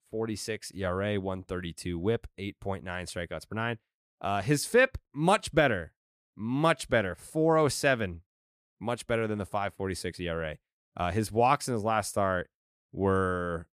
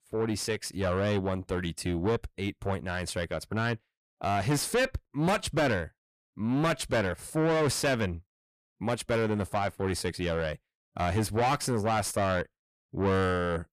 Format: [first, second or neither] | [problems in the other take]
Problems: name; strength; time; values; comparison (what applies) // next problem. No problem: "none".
first | distortion; heavy; 5 dB below the speech